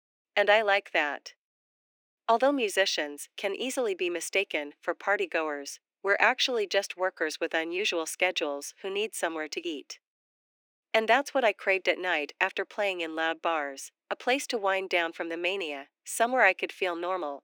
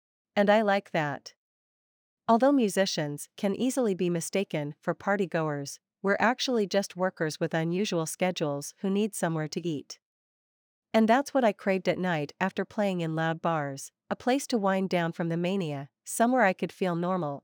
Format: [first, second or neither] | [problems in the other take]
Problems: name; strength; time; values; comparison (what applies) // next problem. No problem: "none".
second | thin; somewhat; fading below 300 Hz